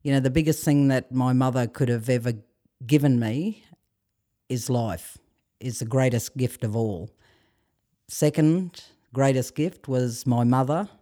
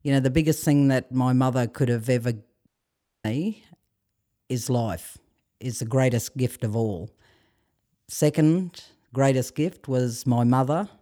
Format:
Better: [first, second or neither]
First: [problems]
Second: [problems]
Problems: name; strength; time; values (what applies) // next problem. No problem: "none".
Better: first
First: none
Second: audio cutting out; at 2.5 s for 0.5 s